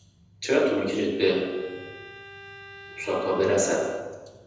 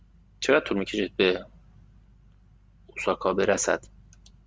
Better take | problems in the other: second | background sound (Bowed string instrument); 19 dB below the speech // room echo; dies away in 1.1 s

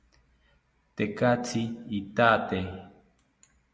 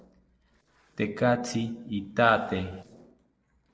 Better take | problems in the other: first | noise reduction (neural separator model SepFormer DNS4)

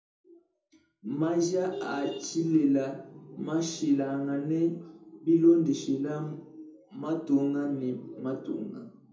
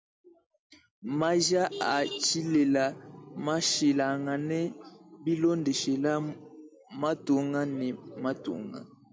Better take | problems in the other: second | room echo; dies away in 0.6 s

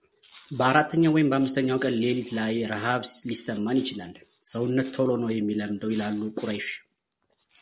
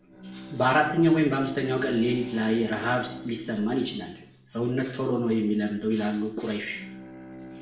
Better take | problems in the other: first | background sound (Bowed string instrument); 17 dB below the speech // room echo; dies away in 0.6 s

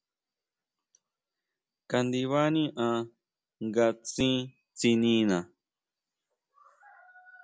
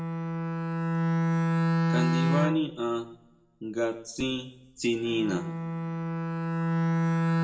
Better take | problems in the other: first | background sound (Bowed string instrument); 5 dB above the speech // room echo; dies away in 0.6 s

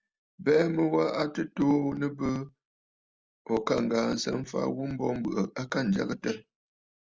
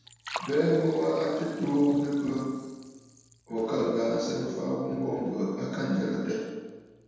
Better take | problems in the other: first | background sound (Liquid); 19 dB below the speech // room echo; dies away in 1.2 s

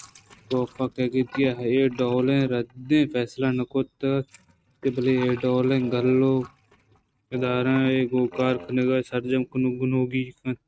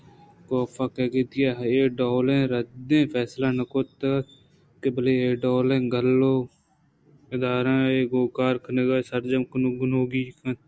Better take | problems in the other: second | noise reduction (neural mask model RNNoise)

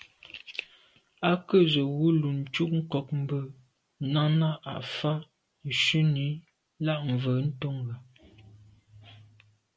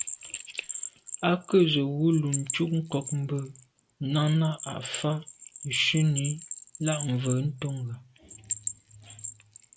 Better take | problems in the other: first | background sound (Bell); 11 dB below the speech

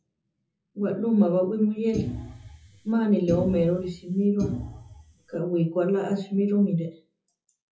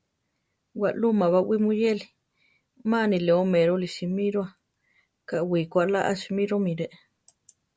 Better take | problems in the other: second | noise reduction (classical method WPE with log-MMSE)

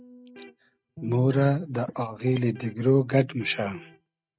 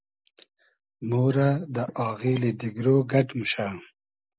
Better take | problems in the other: second | noise reduction (neural mask model RNNoise)

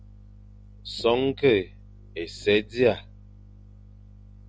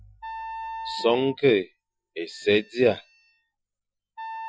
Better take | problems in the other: first | noise reduction (classical method Wiener filter)

